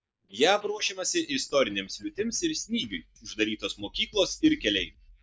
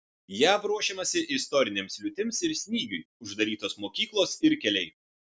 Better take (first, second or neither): second